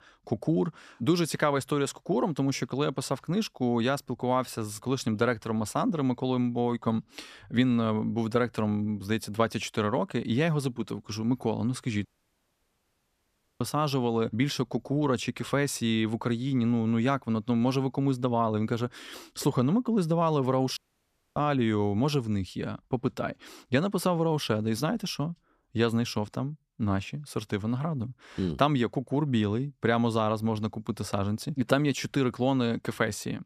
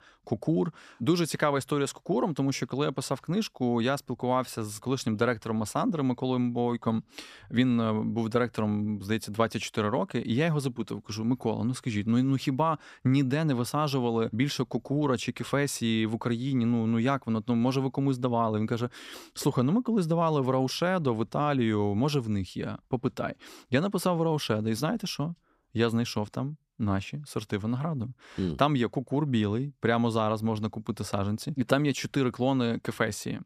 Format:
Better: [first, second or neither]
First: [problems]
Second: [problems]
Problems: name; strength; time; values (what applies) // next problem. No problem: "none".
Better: second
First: audio cutting out; at 12 s for 1.5 s and at 21 s for 0.5 s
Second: none